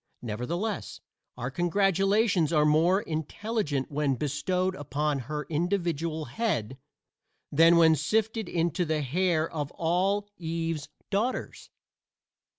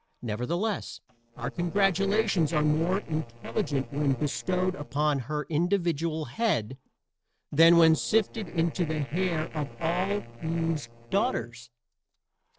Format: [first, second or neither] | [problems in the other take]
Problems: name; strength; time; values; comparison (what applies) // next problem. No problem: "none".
first | noise reduction (neural separator model SepFormer DNS4)